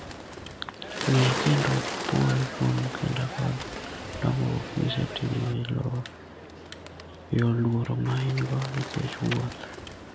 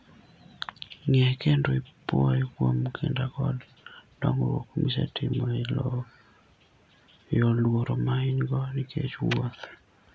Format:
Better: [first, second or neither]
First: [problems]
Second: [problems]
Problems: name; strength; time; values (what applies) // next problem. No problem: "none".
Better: second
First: background sound (Bird); 8 dB below the speech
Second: none